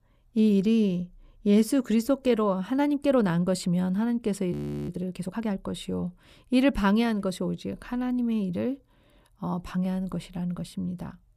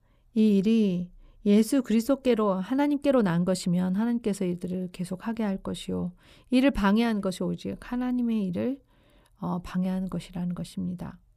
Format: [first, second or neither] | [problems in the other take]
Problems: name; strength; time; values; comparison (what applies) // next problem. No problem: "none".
second | audio freezing; at 4.5 s